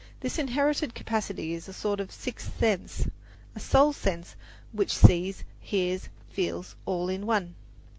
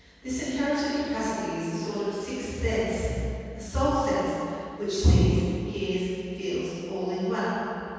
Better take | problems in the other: first | room echo; dies away in 2.1 s

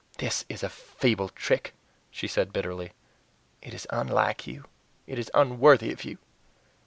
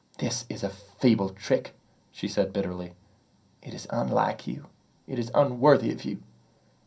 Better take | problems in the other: first | room echo; dies away in 0.3 s

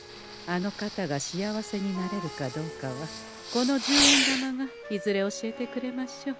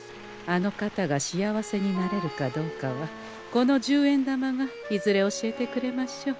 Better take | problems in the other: second | background sound (Fireworks); 2 dB below the speech

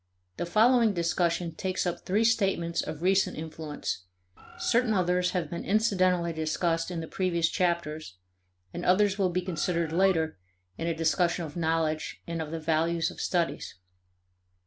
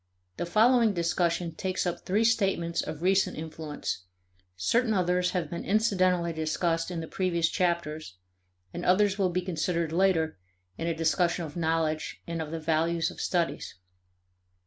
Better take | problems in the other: second | background sound (Bird); 15 dB below the speech

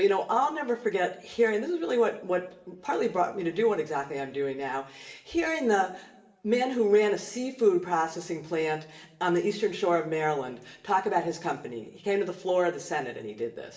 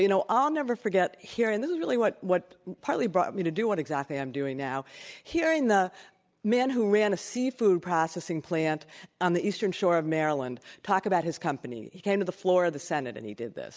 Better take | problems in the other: second | room echo; dies away in 0.7 s

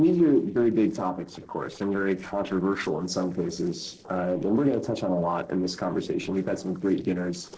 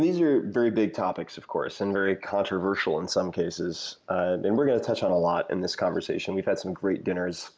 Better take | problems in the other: second | noise reduction (neural separator model SepFormer DNS4)

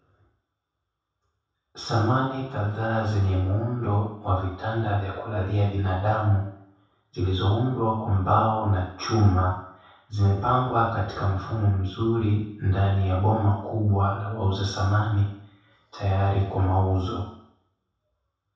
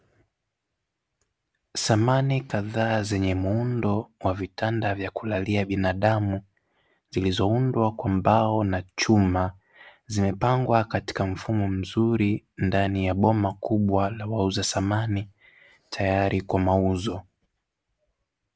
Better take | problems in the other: second | room echo; dies away in 0.7 s

